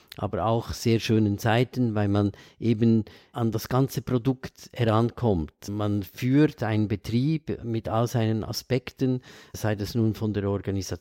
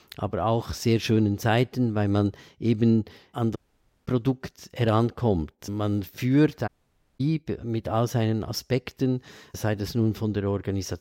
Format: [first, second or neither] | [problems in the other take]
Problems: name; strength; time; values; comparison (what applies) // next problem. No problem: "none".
first | audio cutting out; at 3.5 s for 0.5 s and at 6.5 s for 0.5 s